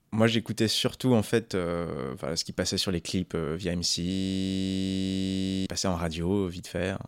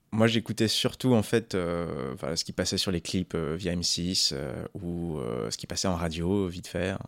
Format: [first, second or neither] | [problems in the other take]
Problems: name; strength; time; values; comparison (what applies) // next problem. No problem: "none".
second | audio freezing; at 4 s for 1.5 s